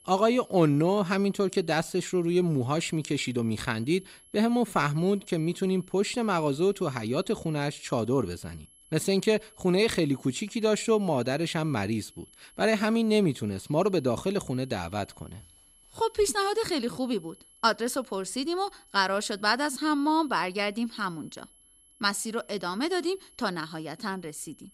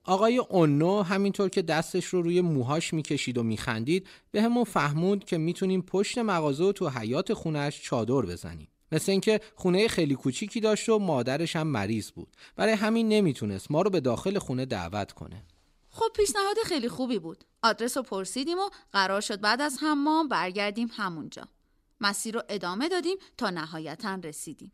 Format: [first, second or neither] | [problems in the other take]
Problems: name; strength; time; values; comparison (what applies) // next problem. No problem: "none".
second | high-pitched whine; faint; throughout; 11 kHz, 25 dB below the speech